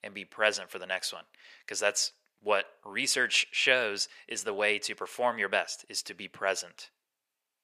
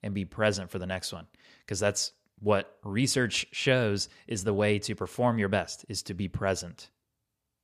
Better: second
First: thin; very; fading below 550 Hz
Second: none

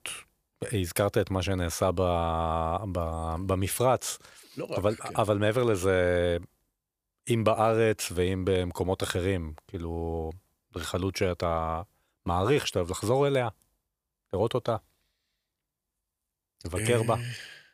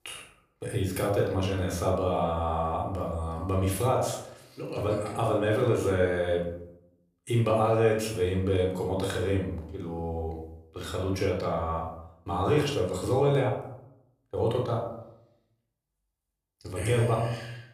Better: first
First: none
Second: off-mic speech; somewhat distant // room echo; noticeable; dies away in 0.7 s

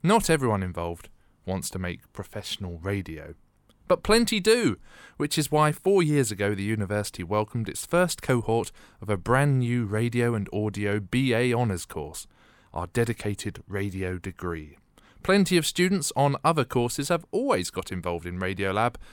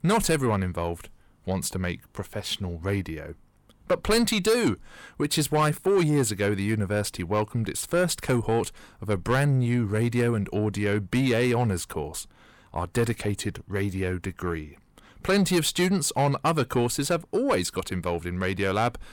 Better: first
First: none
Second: distortion; slight; 10 dB below the speech

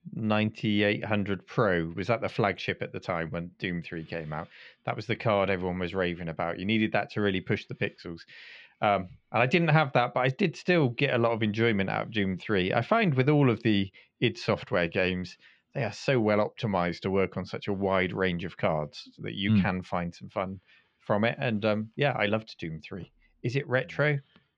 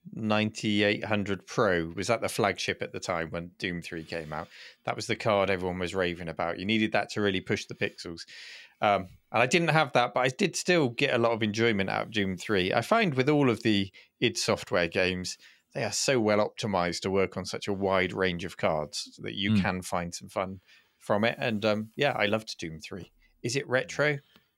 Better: second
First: muffled; slightly; fading above 3.5 kHz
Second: none

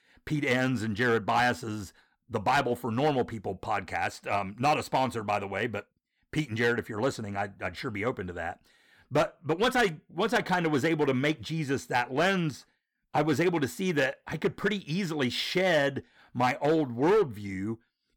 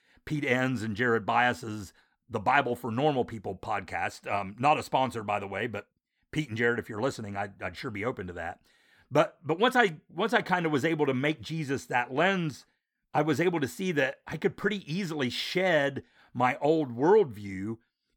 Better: second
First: distortion; slight; 4% of the sound clipped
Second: none

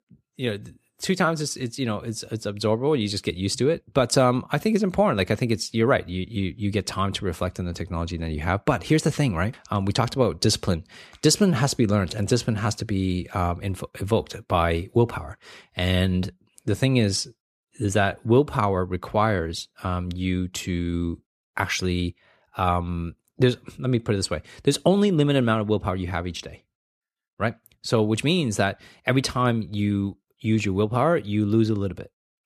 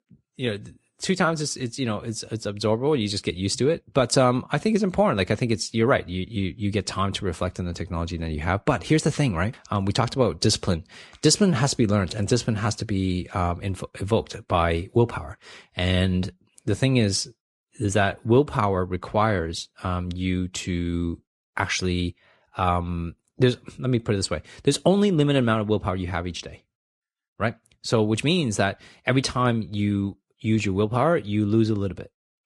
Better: first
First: none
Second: garbled, watery; slightly; nothing above 10 kHz

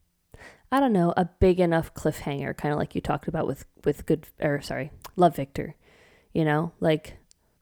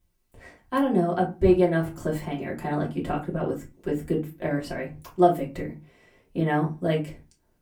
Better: first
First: none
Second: off-mic speech; far // room echo; very slight; dies away in 0.2 s

